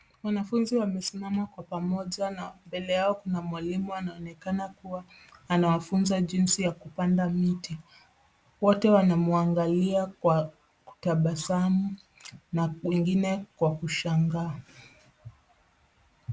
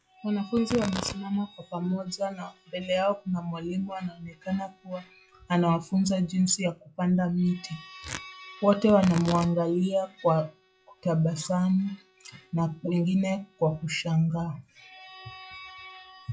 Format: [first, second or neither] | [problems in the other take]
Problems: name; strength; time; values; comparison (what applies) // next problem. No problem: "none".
first | noise reduction (classical method log-MMSE)